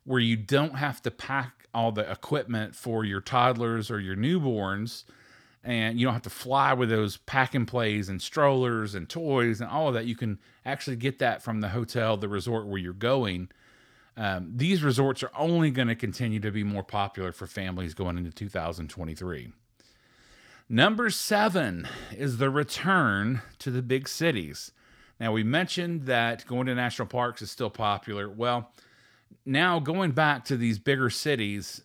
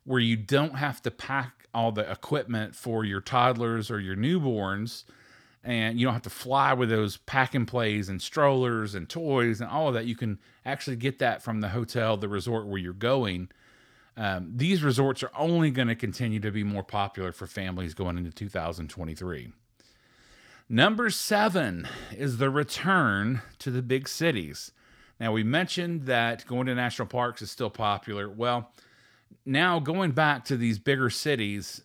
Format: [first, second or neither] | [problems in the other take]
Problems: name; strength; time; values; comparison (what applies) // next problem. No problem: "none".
neither | none